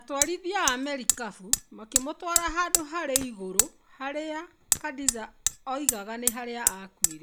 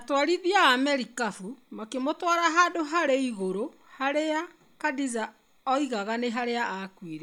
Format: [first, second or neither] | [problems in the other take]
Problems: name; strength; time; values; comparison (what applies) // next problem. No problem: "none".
second | background sound (Hammer); 3 dB above the speech